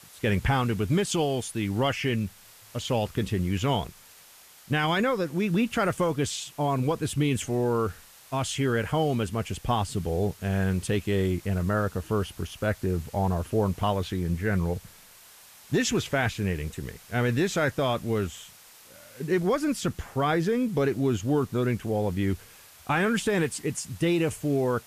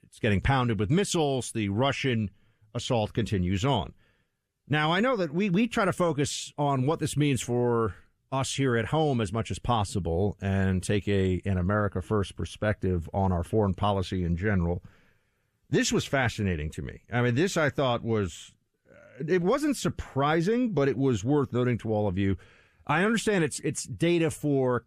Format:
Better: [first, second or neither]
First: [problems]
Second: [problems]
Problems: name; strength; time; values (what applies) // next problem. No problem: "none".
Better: second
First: hiss; faint; throughout; 20 dB below the speech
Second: none